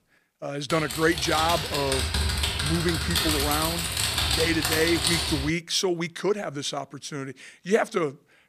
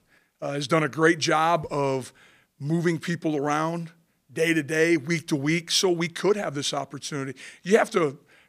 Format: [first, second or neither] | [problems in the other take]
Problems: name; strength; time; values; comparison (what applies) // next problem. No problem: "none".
second | keyboard typing; loud; from 0.5 to 5.5 s; peak 4 dB above the speech